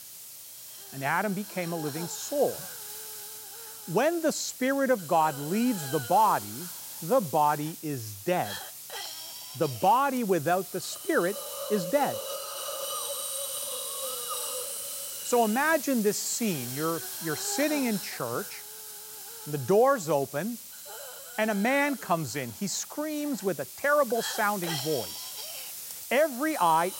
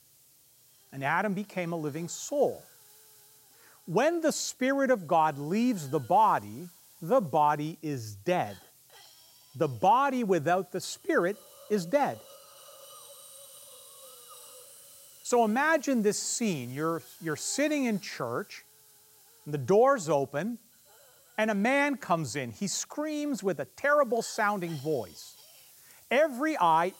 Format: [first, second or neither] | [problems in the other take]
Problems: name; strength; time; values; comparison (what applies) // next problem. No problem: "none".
second | hiss; loud; throughout; 8 dB below the speech; faint in the second